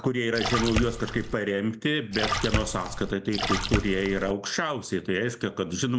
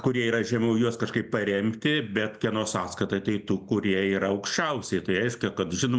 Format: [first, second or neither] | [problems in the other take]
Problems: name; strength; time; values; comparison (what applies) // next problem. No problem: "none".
second | background sound (Splash, splatter); 2 dB below the speech